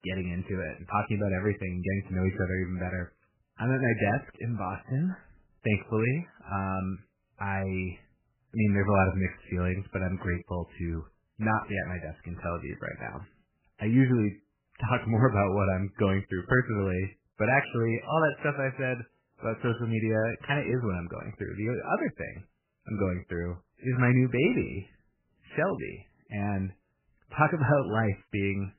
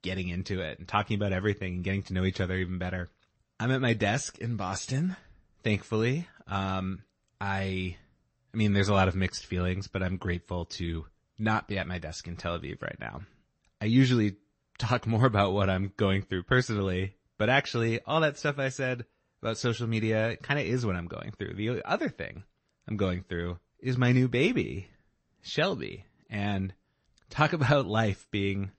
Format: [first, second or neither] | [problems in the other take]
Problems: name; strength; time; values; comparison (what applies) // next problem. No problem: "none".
second | garbled, watery; badly; nothing above 3 kHz; slightly in the second